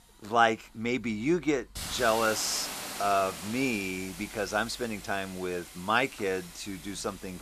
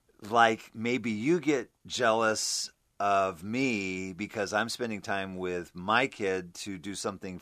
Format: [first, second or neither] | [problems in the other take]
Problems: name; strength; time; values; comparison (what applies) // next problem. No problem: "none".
second | hiss; loud; throughout; 9 dB below the speech